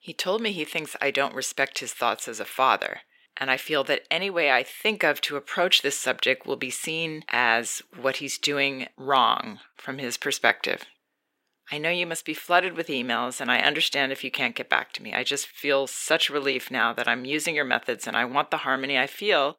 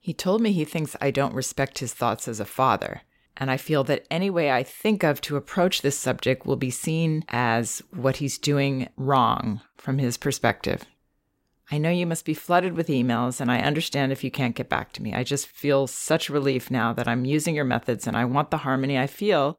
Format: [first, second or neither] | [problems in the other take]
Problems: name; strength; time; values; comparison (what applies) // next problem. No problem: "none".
second | thin; somewhat; fading below 400 Hz